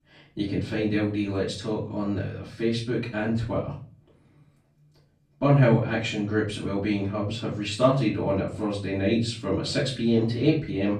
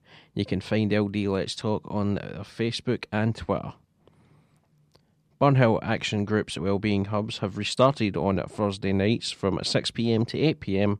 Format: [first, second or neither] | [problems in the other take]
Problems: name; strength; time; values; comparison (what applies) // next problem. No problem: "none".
second | off-mic speech; far // room echo; slight; dies away in 0.4 s